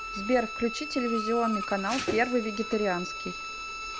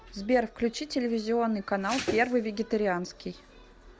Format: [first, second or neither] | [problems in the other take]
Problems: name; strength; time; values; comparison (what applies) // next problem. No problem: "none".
second | background sound (Bowed string instrument); 7 dB below the speech